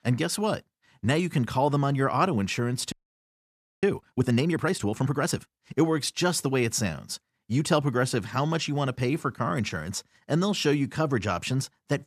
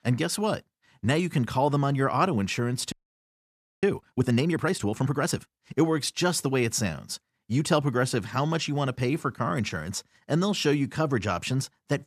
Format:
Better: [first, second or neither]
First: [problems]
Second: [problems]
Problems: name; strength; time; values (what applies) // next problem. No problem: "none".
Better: neither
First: audio freezing; at 3 s for 1 s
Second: audio freezing; at 3 s for 1 s